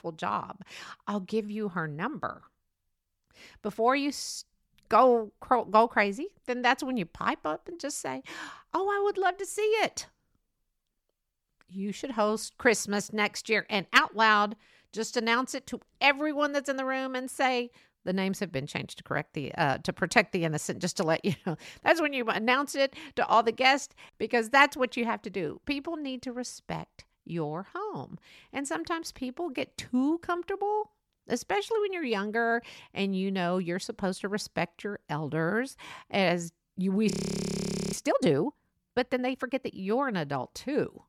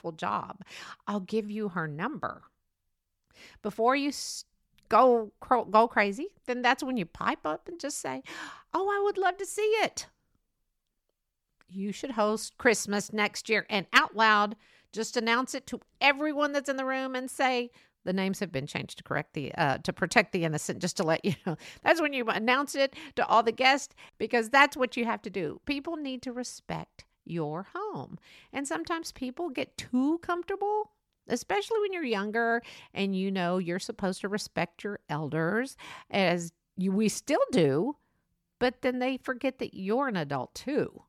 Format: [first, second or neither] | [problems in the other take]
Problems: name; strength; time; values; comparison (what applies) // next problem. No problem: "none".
second | audio freezing; at 37 s for 1 s